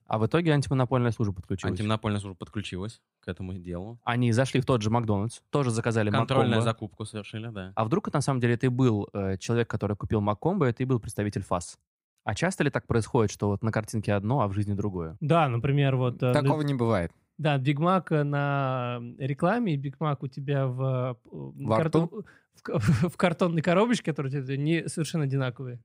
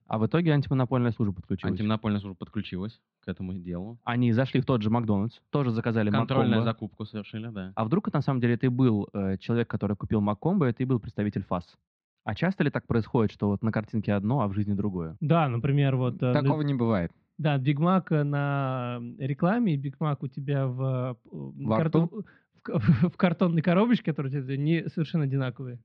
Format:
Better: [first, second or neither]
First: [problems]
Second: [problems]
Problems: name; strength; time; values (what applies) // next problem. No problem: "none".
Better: first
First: none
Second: muffled; slightly; fading above 4 kHz